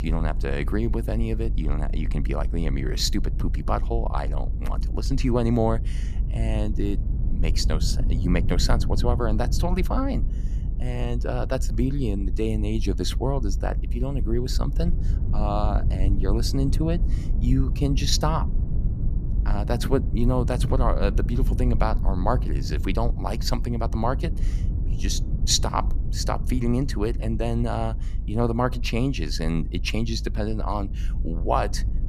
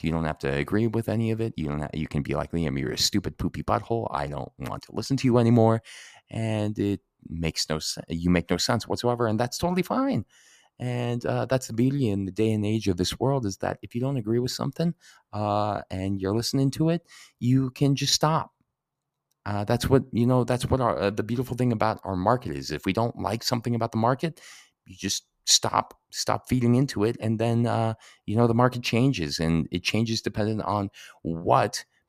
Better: second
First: low rumble; noticeable; throughout; 15 dB below the speech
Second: none

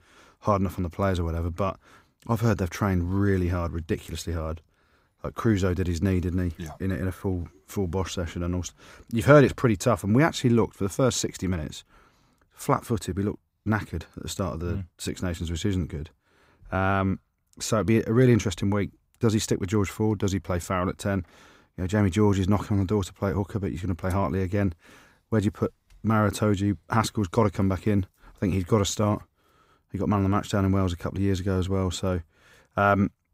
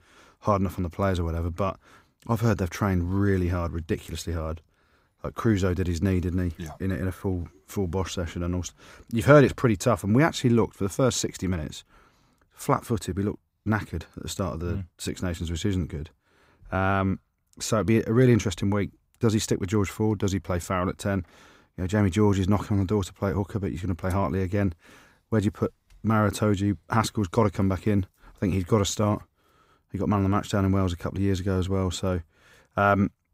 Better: neither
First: none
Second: none

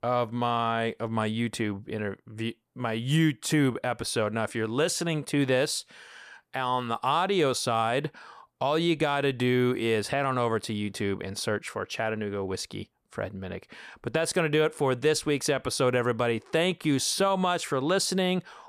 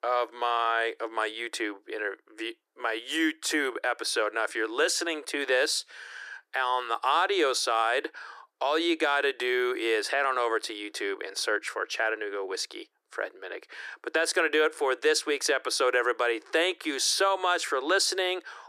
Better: first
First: none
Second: thin; very; fading below 300 Hz

